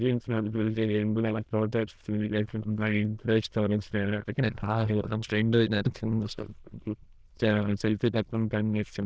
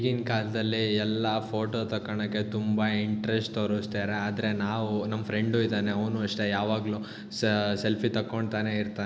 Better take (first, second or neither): second